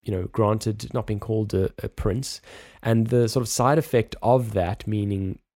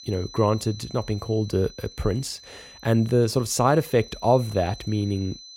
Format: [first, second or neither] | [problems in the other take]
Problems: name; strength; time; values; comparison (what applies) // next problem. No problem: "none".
first | high-pitched whine; noticeable; throughout; 4 kHz, 20 dB below the speech